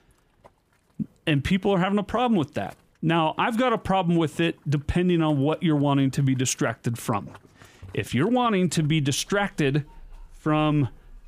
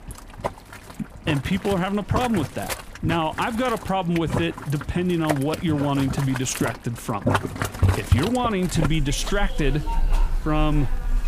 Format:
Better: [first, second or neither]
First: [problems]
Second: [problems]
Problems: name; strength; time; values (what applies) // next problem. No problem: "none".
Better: first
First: household noises; faint; throughout; 30 dB below the speech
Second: household noises; loud; throughout; 4 dB below the speech